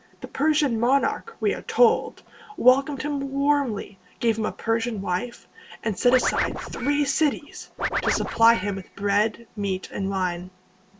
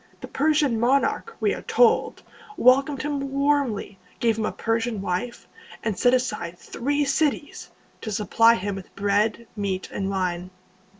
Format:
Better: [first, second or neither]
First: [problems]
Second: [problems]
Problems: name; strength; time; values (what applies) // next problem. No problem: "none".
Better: second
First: background sound (Scratching (performance technique)); 6 dB below the speech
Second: none